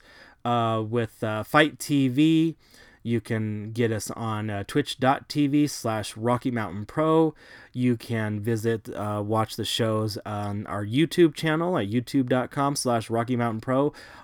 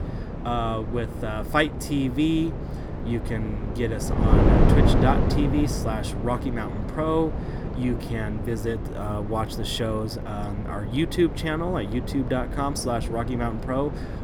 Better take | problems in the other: first | wind noise on the microphone; heavy; 5 dB below the speech

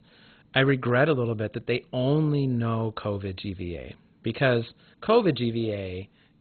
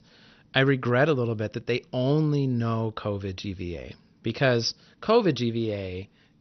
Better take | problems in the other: second | garbled, watery; badly; nothing above 4 kHz; slightly in the second

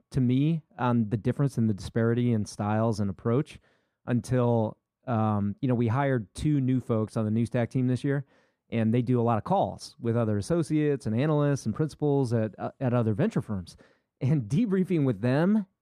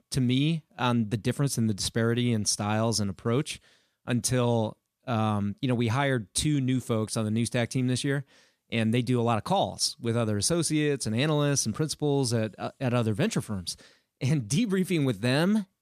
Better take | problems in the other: second | muffled; very; fading above 2 kHz

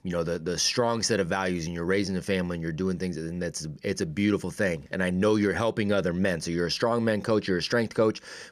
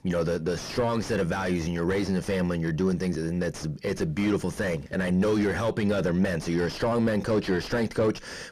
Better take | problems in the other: first | distortion; heavy; 6 dB below the speech

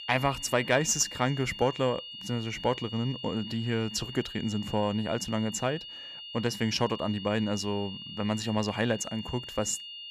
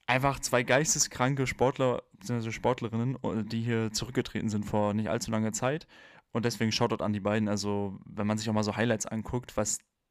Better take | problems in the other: second | high-pitched whine; loud; throughout; 3 kHz, 10 dB below the speech

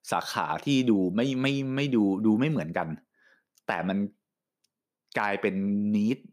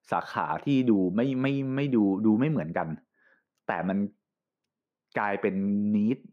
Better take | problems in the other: first | muffled; slightly; fading above 3.5 kHz

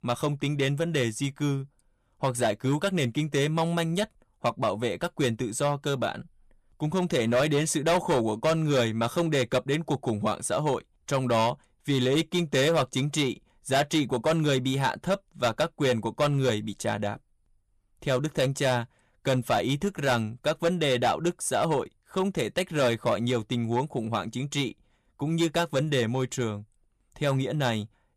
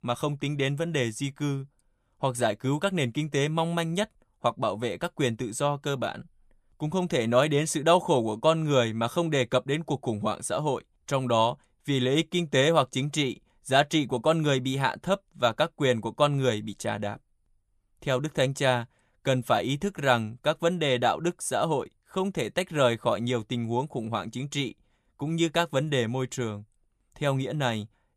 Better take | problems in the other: second | distortion; slight; 6% of the sound clipped

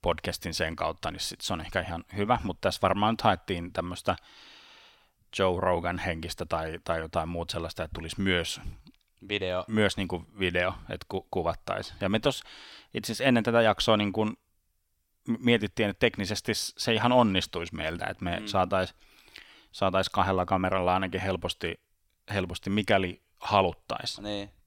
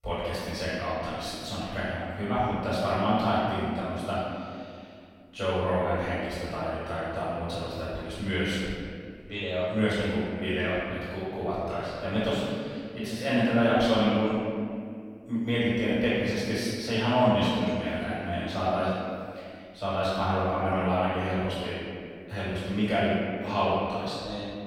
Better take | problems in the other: first | room echo; strong; dies away in 2.2 s // off-mic speech; far

